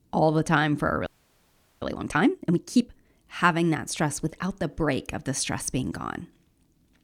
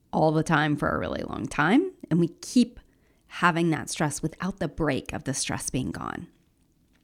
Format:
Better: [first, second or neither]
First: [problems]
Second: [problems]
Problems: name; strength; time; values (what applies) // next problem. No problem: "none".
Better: second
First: audio freezing; at 1 s for 1 s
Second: none